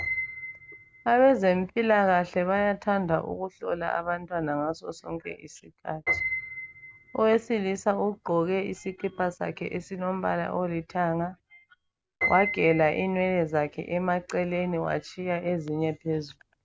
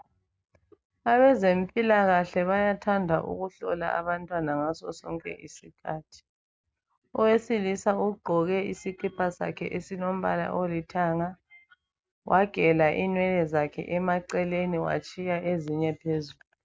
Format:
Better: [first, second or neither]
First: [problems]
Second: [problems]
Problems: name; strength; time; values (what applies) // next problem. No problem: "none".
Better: second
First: background sound (Piano); 12 dB below the speech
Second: none